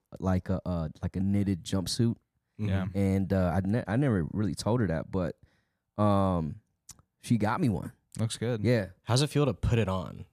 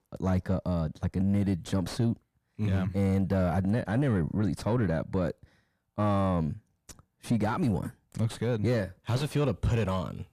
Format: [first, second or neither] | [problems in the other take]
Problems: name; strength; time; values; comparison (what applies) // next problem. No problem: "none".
first | distortion; slight; 10 dB below the speech